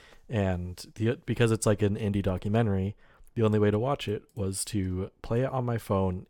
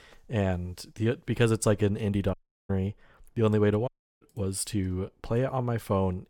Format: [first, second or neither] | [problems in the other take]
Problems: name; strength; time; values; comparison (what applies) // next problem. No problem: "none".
first | audio cutting out; at 2.5 s and at 4 s